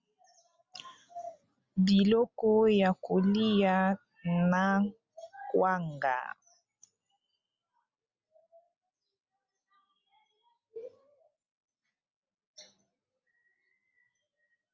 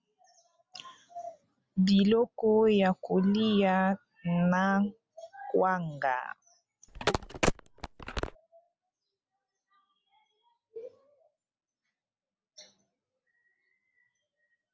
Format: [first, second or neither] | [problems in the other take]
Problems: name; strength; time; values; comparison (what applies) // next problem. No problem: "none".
first | background sound (Telephone); 1 dB below the speech